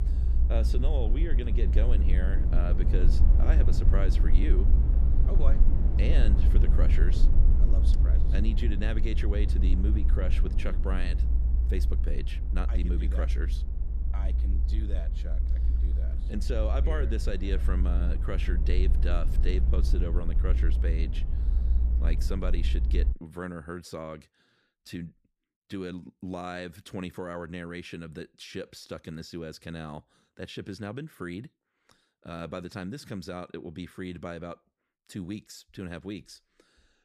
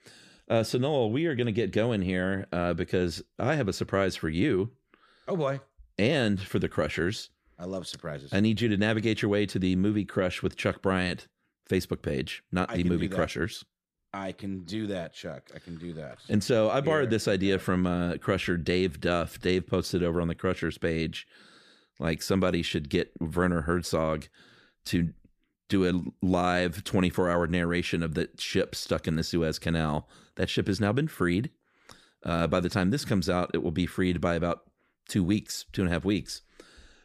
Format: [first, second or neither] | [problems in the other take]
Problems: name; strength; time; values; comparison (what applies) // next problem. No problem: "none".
second | low rumble; loud; until 23 s; 6 dB below the speech